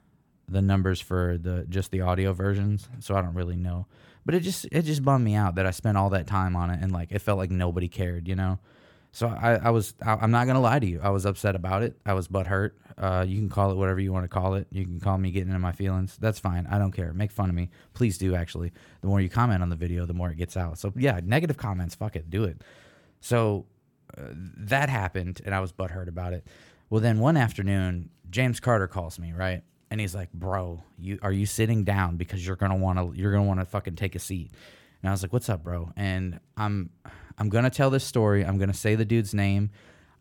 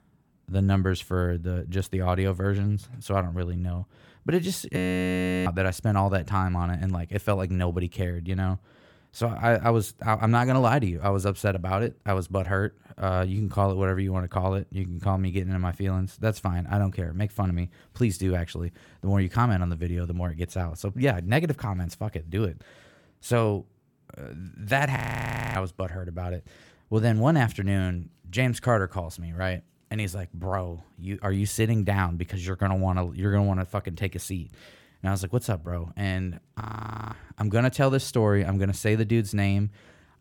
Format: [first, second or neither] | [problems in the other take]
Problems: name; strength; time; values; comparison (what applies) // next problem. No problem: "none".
first | audio freezing; at 5 s for 0.5 s, at 25 s for 0.5 s and at 37 s for 0.5 s